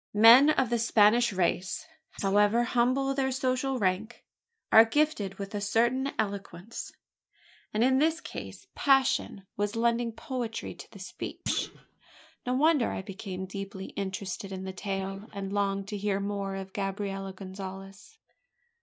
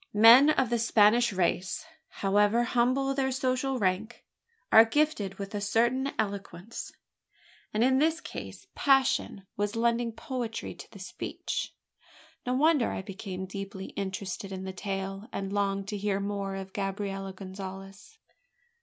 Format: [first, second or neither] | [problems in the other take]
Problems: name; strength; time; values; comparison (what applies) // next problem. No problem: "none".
second | noise reduction (neural mask model DeepFilterNet 3)